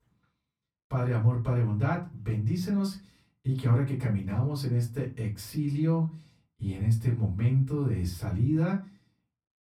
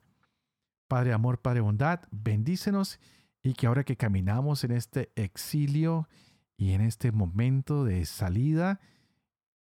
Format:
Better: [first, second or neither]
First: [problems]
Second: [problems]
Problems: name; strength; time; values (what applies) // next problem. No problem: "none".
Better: second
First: off-mic speech; far // room echo; very slight; dies away in 0.3 s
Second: none